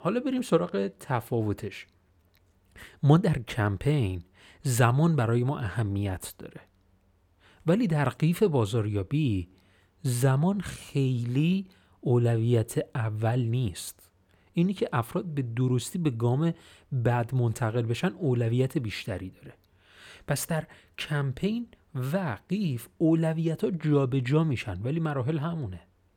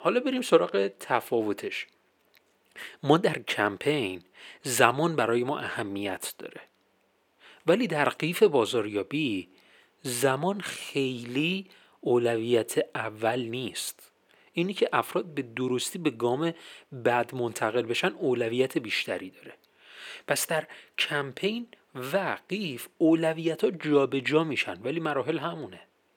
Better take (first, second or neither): first